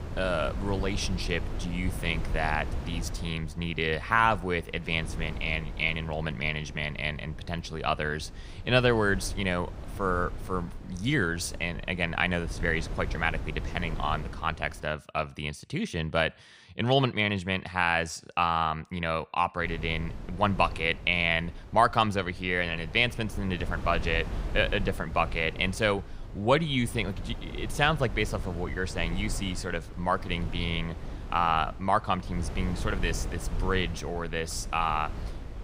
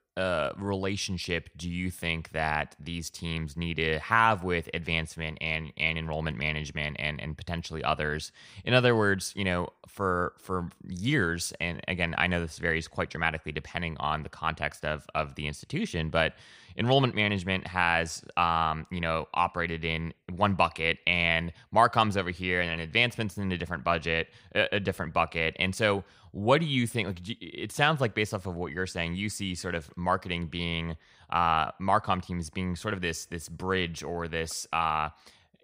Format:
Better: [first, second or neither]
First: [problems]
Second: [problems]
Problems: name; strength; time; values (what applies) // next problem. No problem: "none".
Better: second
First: wind noise on the microphone; occasional gusts; until 15 s and from 20 s on; 20 dB below the speech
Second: none